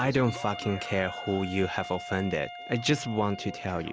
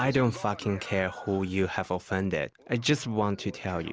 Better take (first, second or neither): second